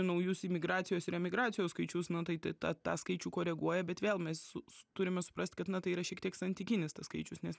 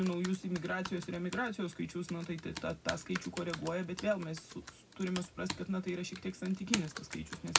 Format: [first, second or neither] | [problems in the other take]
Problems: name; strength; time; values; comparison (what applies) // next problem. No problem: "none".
first | background sound (Computer keyboard); 6 dB below the speech // room echo; dies away in 0.4 s